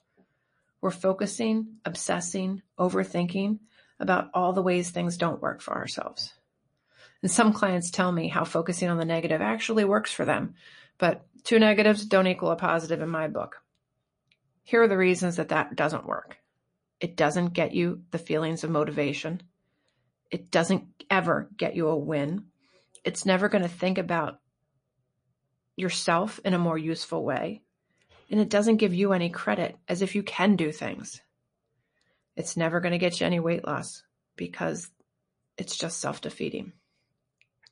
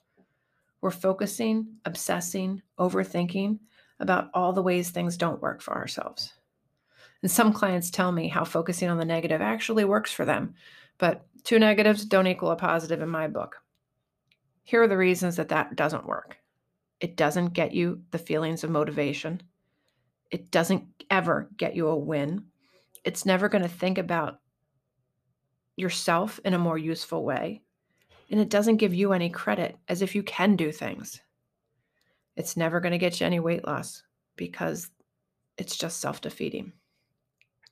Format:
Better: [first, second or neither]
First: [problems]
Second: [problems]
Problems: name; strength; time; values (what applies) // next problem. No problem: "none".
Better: second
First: garbled, watery; slightly; nothing above 10.5 kHz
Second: none